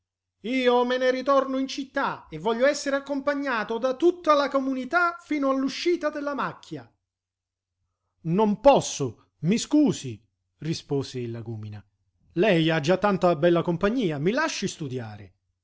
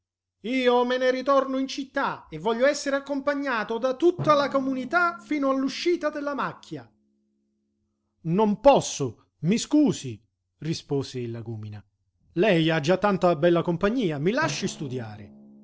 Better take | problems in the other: first | noise reduction (neural separator model SepFormer DNS4)

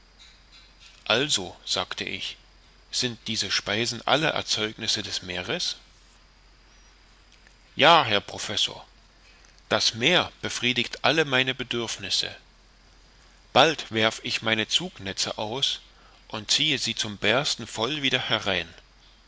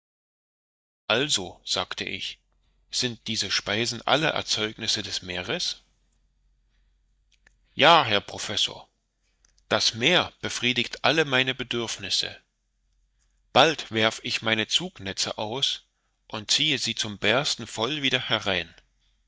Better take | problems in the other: first | noise reduction (neural mask model DeepFilterNet 3)

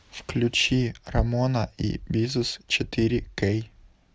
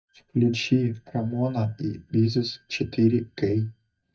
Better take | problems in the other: first | noise reduction (neural mask model DeepFilterNet 3)

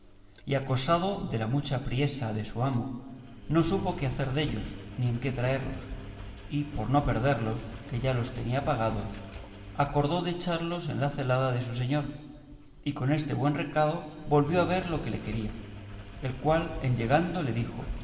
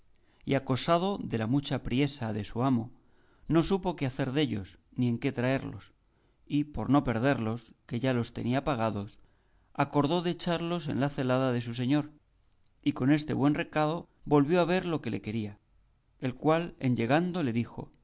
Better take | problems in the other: second | background sound (Engine); 13 dB below the speech // room echo; dies away in 1.7 s

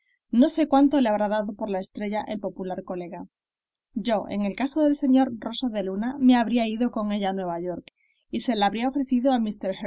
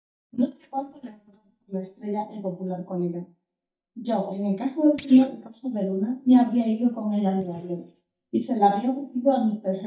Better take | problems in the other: first | noise reduction (neural mask model DeepFilterNet 3)

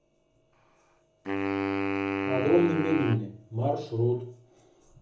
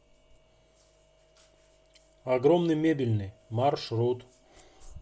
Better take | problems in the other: second | background sound (Wind instrument, woodwind instrument); 2 dB below the speech // room echo; dies away in 0.6 s

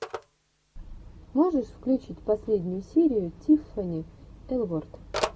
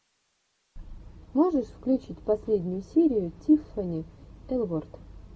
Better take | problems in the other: second | background sound (Telephone); 13 dB below the speech

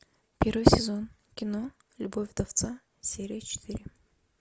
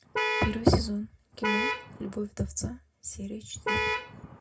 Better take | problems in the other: first | background sound (Vehicle horn, car horn, honking); 1 dB above the speech // room echo; dies away in 0.2 s

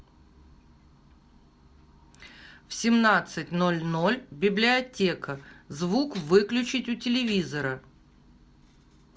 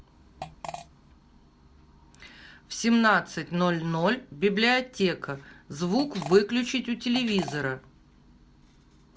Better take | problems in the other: first | background sound (Fart); 15 dB below the speech

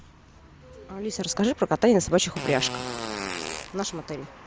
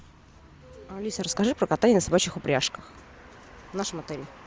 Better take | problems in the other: second | background sound (Fart); 7 dB below the speech

